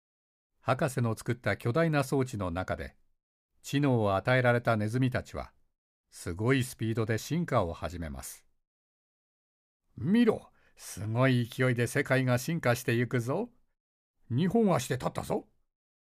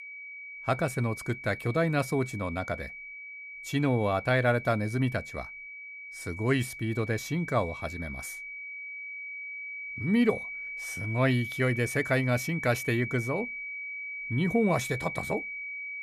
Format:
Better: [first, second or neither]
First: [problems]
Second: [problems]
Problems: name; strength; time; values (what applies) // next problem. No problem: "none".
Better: first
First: none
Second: high-pitched whine; loud; throughout; 2.5 kHz, 8 dB below the speech